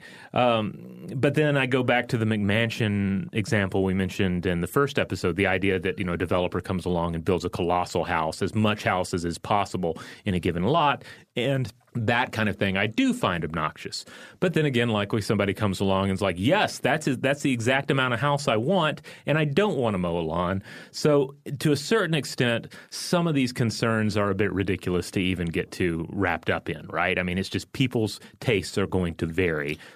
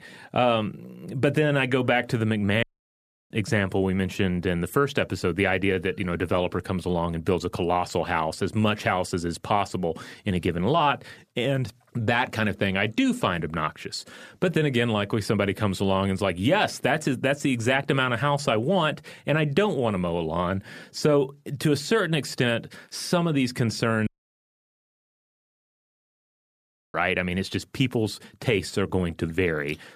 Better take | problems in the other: first | audio cutting out; at 2.5 s for 0.5 s and at 24 s for 3 s

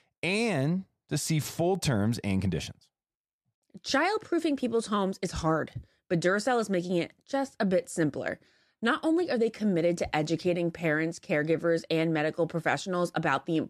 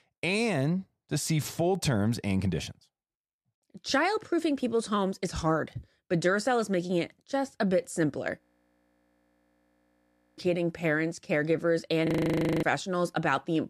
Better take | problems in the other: first | audio freezing; at 8.5 s for 2 s and at 12 s for 0.5 s

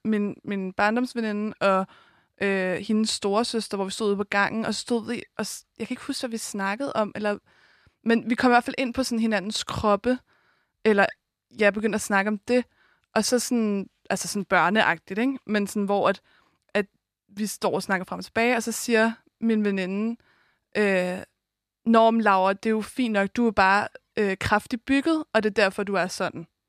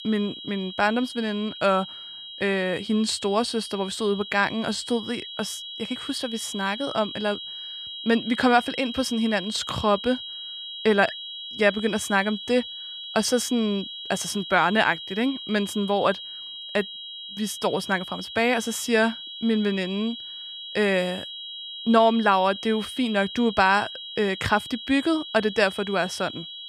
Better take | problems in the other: first | high-pitched whine; loud; throughout; 3.5 kHz, 10 dB below the speech

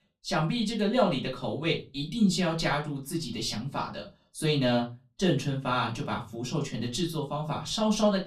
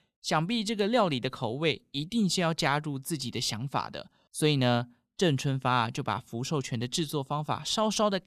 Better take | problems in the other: second | off-mic speech; far // room echo; very slight; dies away in 0.2 s

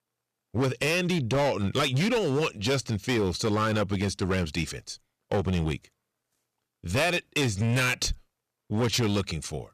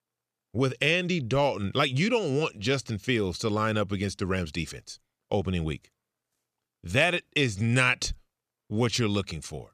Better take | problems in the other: second | distortion; heavy; 12% of the sound clipped

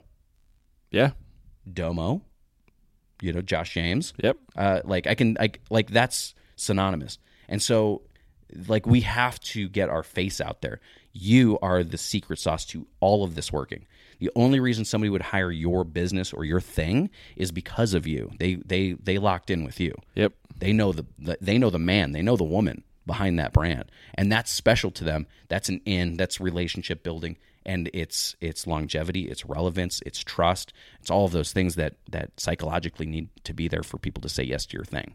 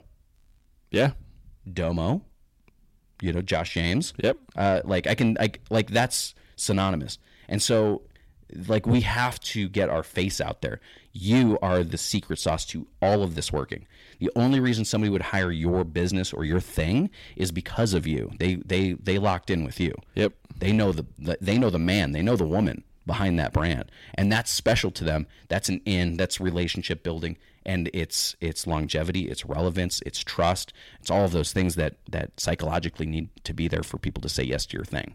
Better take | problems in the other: first | distortion; slight; 10 dB below the speech

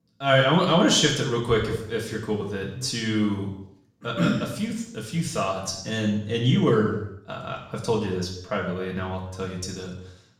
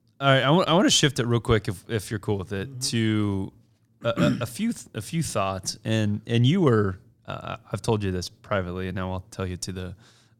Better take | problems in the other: second | room echo; noticeable; dies away in 0.7 s // off-mic speech; far

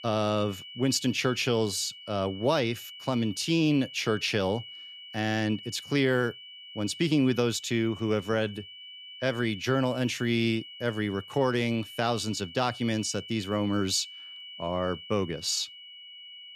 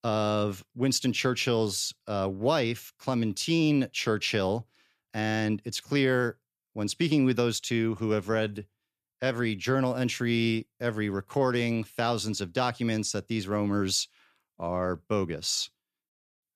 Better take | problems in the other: second | high-pitched whine; noticeable; throughout; 3 kHz, 15 dB below the speech

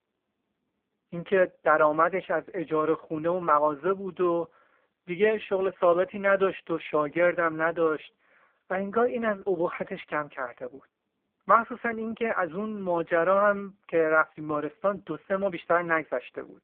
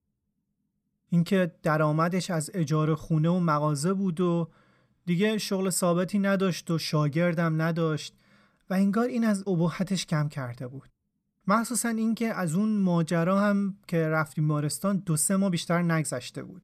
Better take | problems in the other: second | phone-call audio; poor line

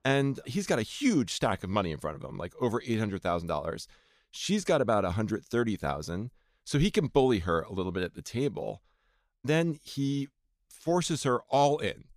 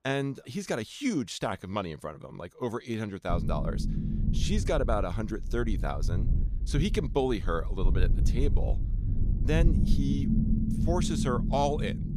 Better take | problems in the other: first | low rumble; loud; from 3.5 s on; 8 dB below the speech

